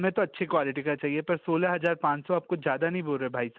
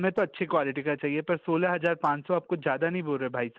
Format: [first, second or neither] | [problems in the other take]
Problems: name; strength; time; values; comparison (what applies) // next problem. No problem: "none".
first | noise reduction (neural separator model SepFormer DNS4)